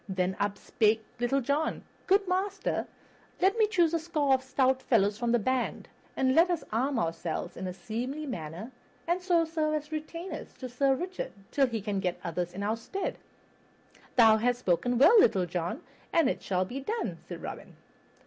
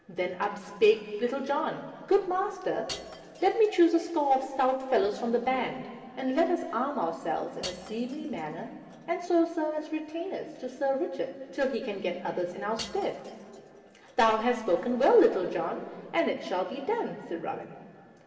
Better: first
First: none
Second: background sound (Shatter / Crushing); 20 dB below the speech // room echo; dies away in 2.4 s

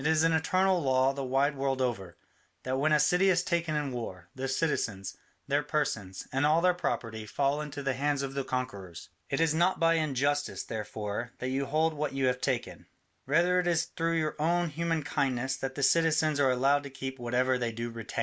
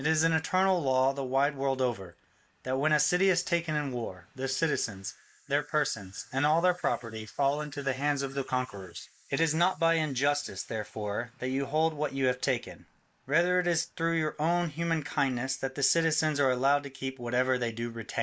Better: first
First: none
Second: noise reduction (neural mask model Resemble Enhance denoiser)

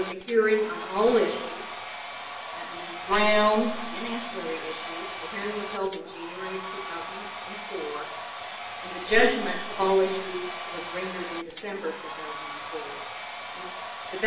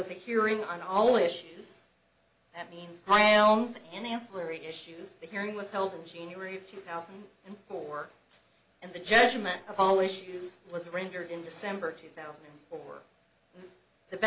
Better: second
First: background sound (Domestic sounds, home sounds); 9 dB below the speech // room echo; dies away in 0.8 s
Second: none

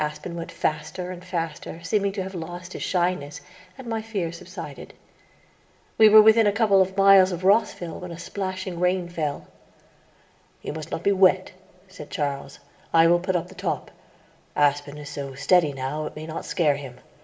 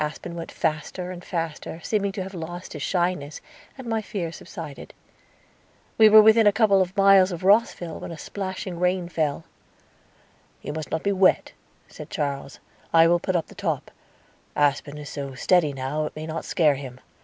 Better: second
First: room echo; dies away in 0.8 s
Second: none

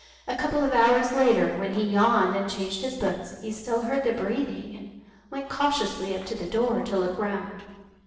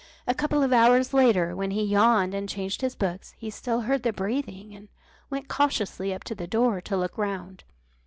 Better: second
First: noise reduction (neural separator model SepFormer DNS4)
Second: none

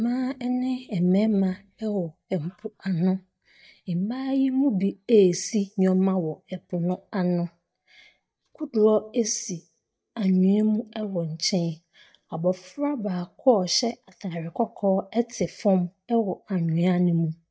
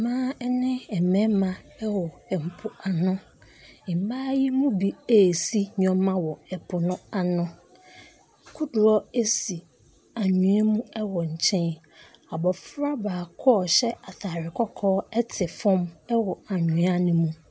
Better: second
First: noise reduction (neural mask model DeepFilterNet 3)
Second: none

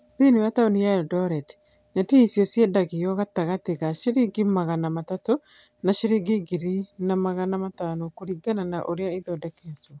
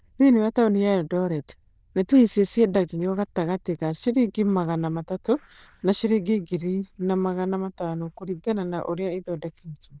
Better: first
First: none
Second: noise reduction (neural diffusion model UNIVERSE++)

